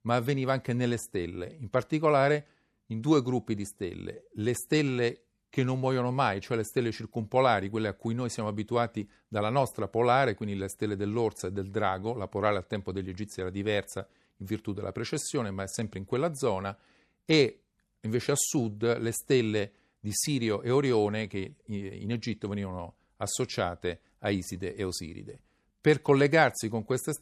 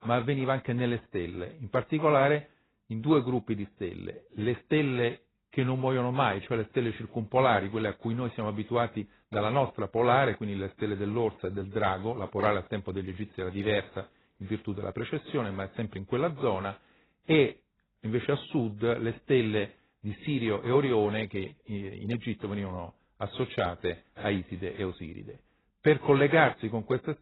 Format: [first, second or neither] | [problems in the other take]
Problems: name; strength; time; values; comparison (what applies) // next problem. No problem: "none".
first | garbled, watery; badly; nothing above 4 kHz